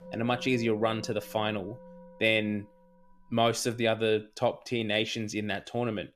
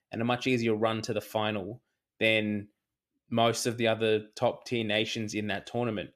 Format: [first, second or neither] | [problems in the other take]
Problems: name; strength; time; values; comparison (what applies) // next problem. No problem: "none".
second | background music; noticeable; throughout; 20 dB below the speech